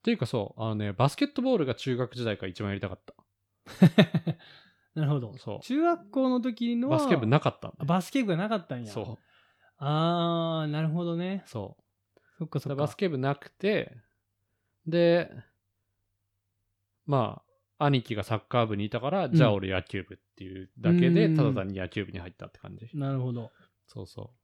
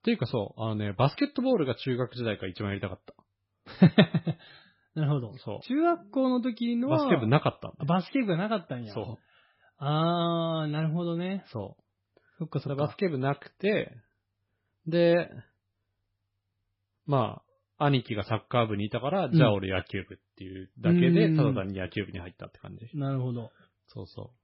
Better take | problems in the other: first | garbled, watery; badly; nothing above 5.5 kHz

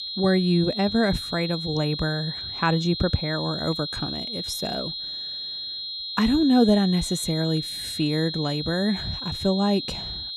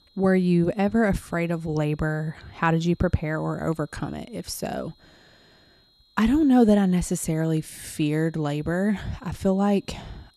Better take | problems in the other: second | high-pitched whine; loud; throughout; 4 kHz, 5 dB below the speech; faint in the second

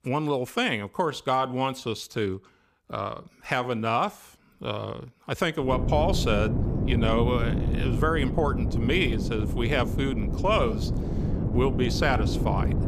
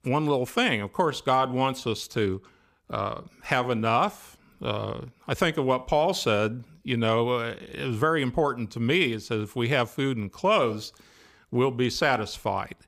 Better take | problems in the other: second | wind noise on the microphone; heavy; from 5.5 s on; 9 dB below the speech

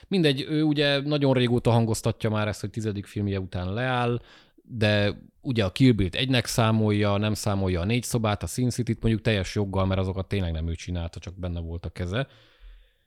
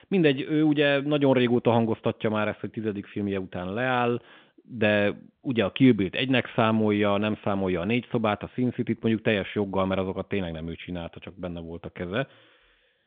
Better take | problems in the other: first | phone-call audio; nothing above 3.5 kHz

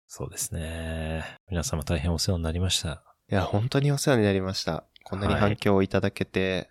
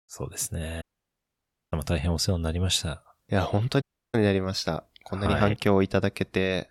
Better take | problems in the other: first | audio cutting out; at 1 s for 1 s and at 4 s

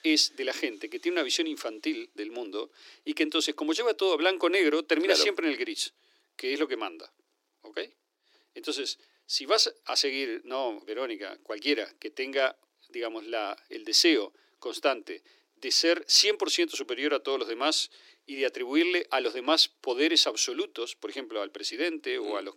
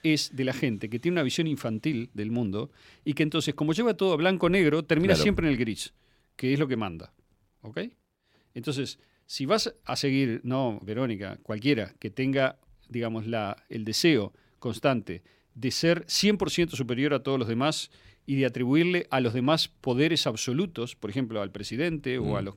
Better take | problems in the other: second | thin; somewhat; fading below 300 Hz

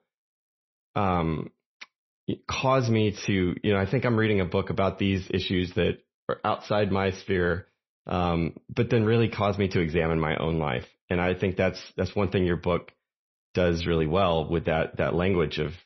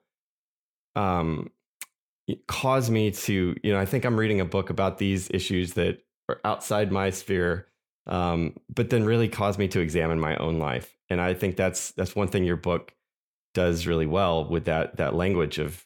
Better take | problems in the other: second | garbled, watery; slightly; nothing above 6 kHz

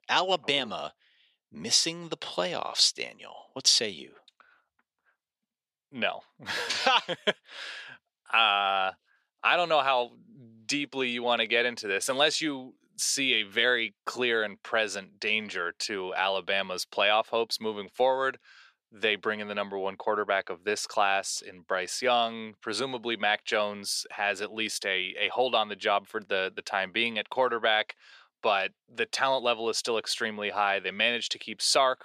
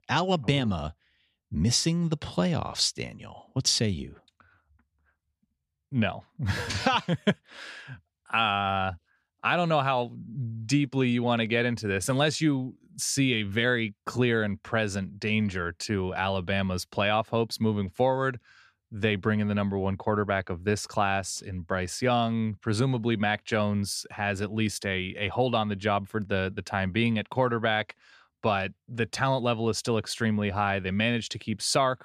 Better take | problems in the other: second | thin; somewhat; fading below 500 Hz

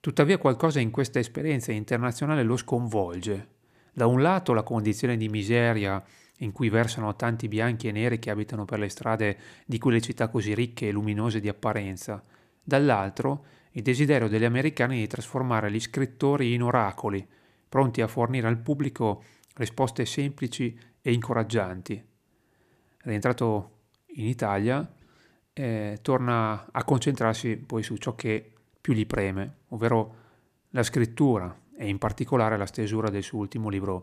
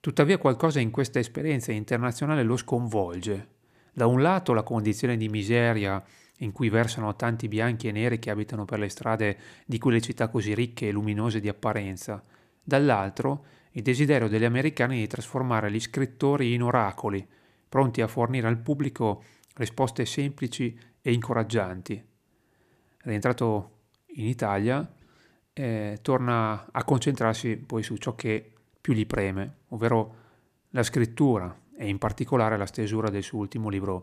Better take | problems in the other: neither | none

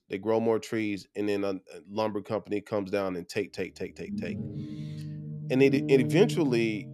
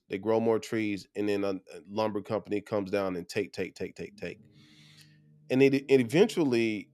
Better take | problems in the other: second | background music; loud; from 4 s on; 7 dB below the speech; faint in the second

